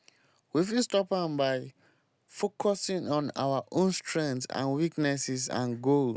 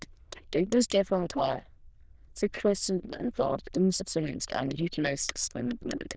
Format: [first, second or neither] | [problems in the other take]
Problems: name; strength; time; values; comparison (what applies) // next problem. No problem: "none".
first | noise reduction (neural diffusion model UNIVERSE++)